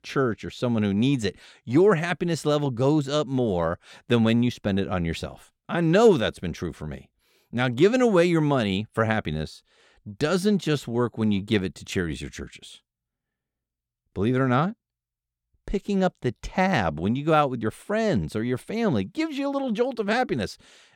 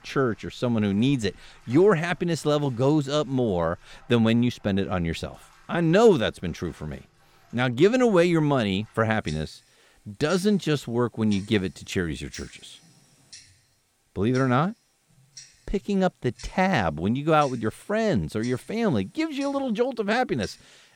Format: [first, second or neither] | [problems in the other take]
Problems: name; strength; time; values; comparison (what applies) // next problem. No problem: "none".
first | household noises; faint; throughout; 25 dB below the speech